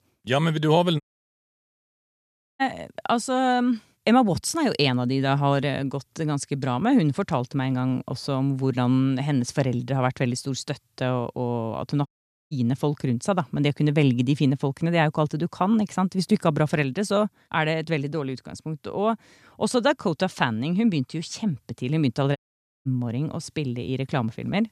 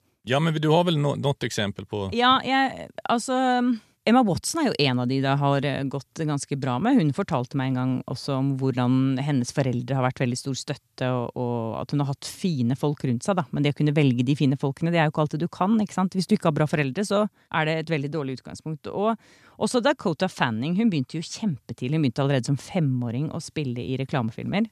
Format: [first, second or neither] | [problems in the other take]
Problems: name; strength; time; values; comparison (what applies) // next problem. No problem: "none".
second | audio cutting out; at 1 s for 1.5 s, at 12 s and at 22 s